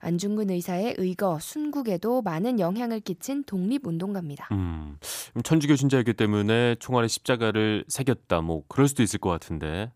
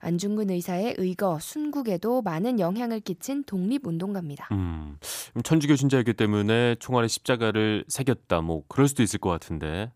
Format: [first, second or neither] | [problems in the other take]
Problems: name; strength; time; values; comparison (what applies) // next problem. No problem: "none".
neither | none